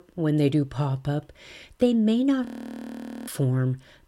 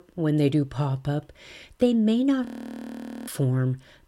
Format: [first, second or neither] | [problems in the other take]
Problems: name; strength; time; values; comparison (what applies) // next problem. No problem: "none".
neither | audio freezing; at 2.5 s for 1 s; the same in both